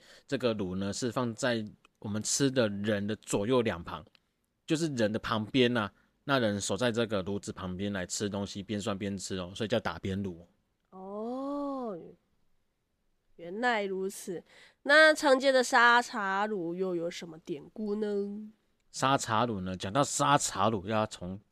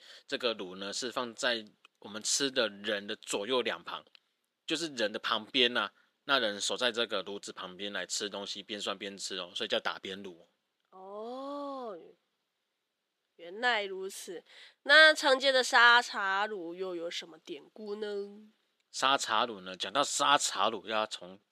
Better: first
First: none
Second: thin; somewhat; fading below 350 Hz

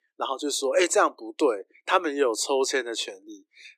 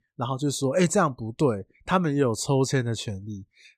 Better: second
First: thin; very; fading below 300 Hz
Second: none

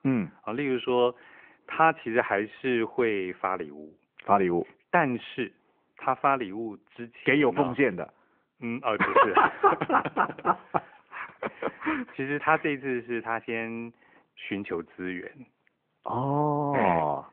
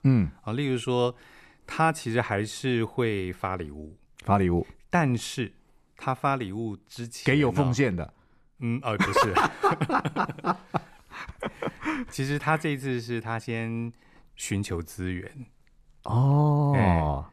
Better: second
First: phone-call audio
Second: none

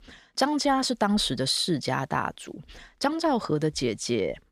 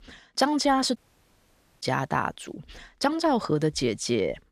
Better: first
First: none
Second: audio cutting out; at 1 s for 1 s

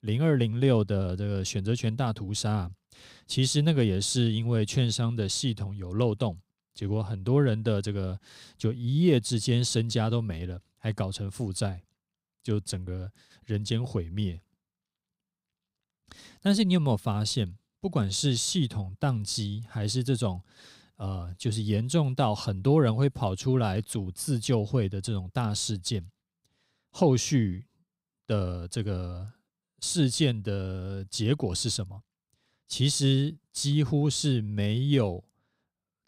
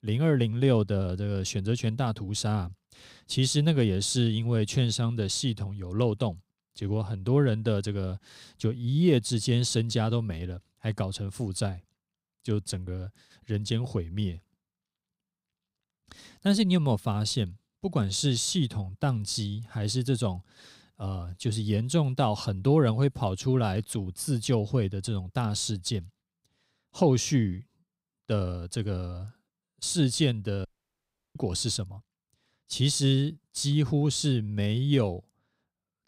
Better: first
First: none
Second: audio cutting out; at 31 s for 0.5 s

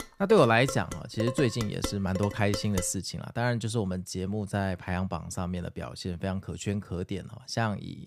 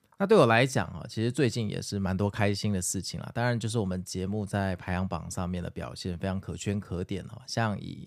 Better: second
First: clattering dishes; noticeable; until 3 s; peak 6 dB below the speech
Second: none

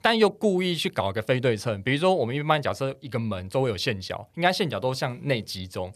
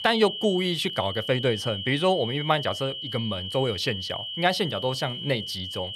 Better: first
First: none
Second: high-pitched whine; loud; throughout; 3 kHz, 6 dB below the speech

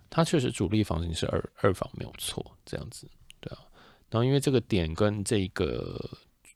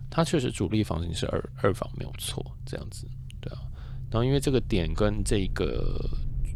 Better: first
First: none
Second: low rumble; faint; throughout; 20 dB below the speech

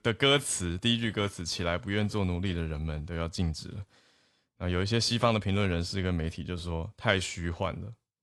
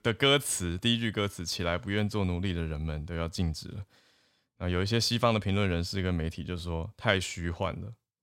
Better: second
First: garbled, watery; slightly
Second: none

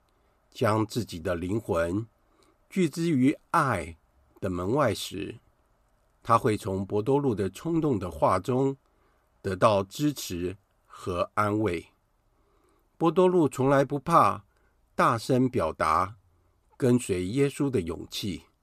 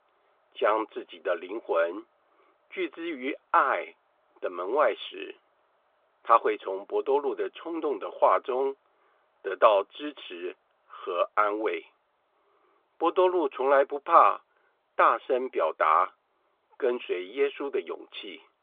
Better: first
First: none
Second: phone-call audio; nothing above 3.5 kHz

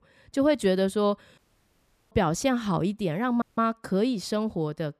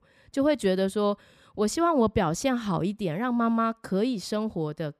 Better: second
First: audio cutting out; at 1.5 s for 0.5 s and at 3.5 s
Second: none

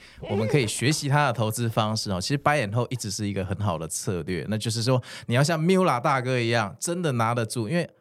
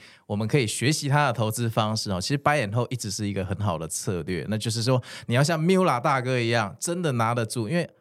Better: second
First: dog barking; noticeable; at the start; peak 6 dB below the speech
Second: none

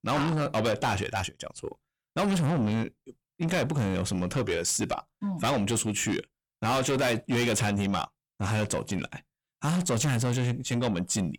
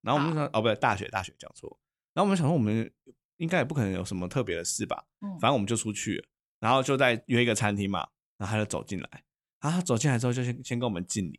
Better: second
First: distortion; heavy; 6 dB below the speech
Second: none

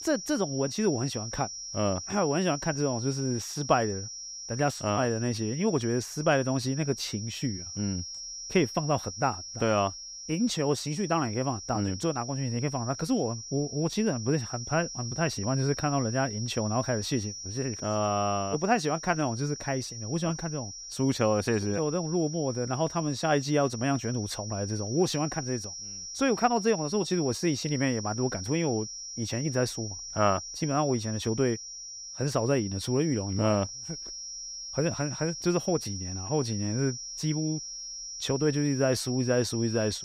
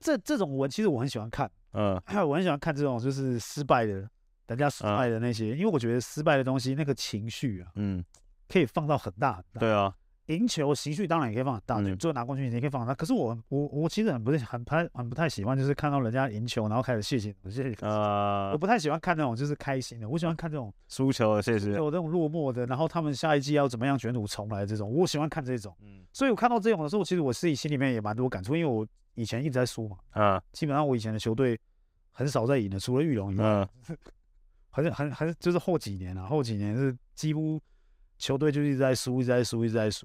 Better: second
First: high-pitched whine; loud; throughout; 5.5 kHz, 8 dB below the speech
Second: none

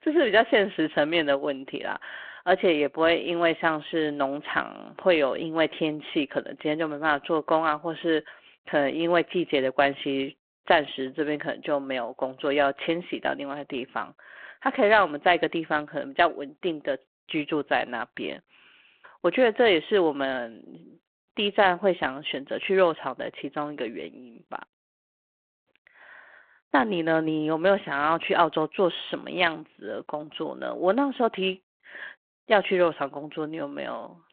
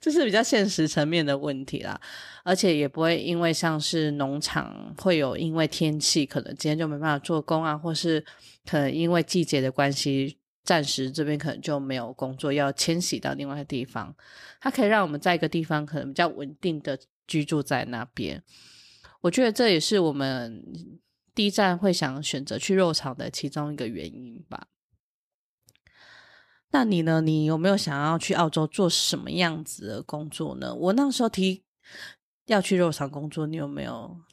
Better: second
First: phone-call audio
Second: none

